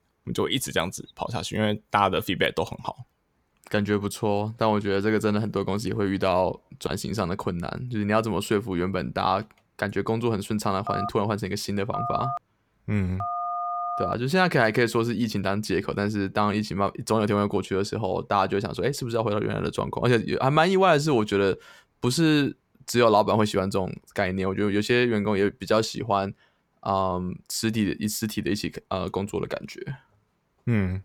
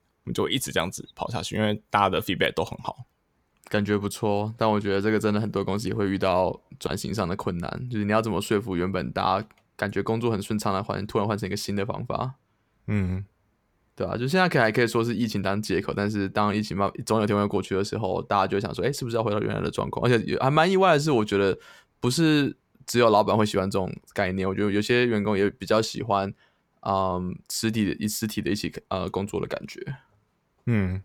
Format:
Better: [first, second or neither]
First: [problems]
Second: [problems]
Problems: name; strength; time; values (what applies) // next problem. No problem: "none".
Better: second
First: phone ringing; noticeable; from 11 to 14 s; peak 3 dB below the speech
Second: none